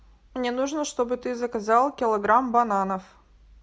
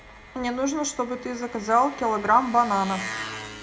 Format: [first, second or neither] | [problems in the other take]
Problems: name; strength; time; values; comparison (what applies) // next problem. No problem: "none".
first | background sound (Engine); 13 dB below the speech // room echo; dies away in 0.3 s